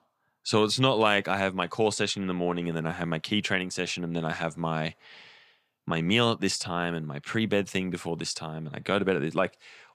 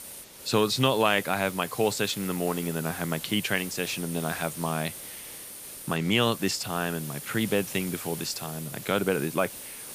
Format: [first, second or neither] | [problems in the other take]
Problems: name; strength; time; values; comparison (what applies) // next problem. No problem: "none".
first | hiss; noticeable; throughout; 10 dB below the speech